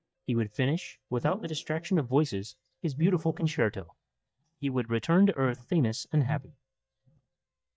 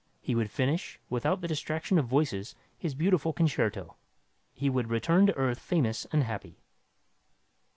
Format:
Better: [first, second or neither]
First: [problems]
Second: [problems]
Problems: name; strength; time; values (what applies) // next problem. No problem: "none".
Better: second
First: noise reduction (neural mask model DeepFilterNet 3)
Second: none